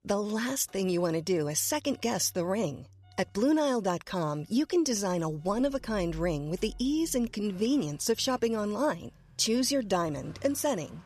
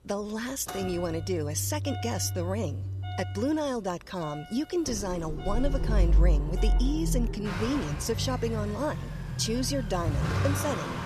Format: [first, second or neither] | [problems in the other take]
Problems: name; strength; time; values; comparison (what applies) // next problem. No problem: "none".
first | traffic noise; loud; throughout; as loud as the speech; faint in the first